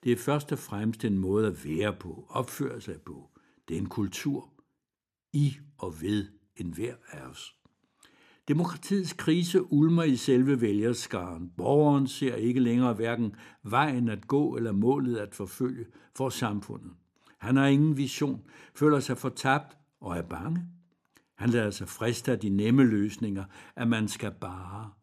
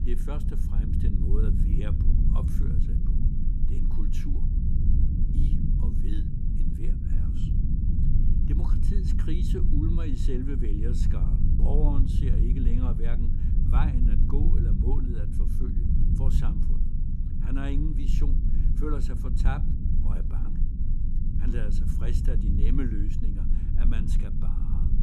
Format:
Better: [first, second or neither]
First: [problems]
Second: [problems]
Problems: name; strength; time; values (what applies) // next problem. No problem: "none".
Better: first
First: none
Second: low rumble; loud; throughout; 1 dB below the speech